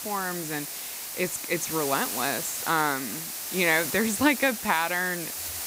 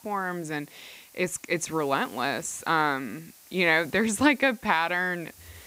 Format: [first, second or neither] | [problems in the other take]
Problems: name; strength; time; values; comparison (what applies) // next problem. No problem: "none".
second | hiss; loud; throughout; 5 dB below the speech; faint in the second